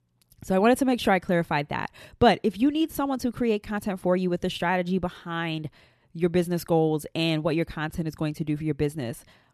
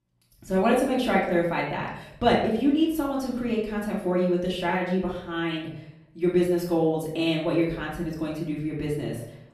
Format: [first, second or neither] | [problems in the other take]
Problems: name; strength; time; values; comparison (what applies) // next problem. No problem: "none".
first | off-mic speech; far // room echo; noticeable; dies away in 0.6 s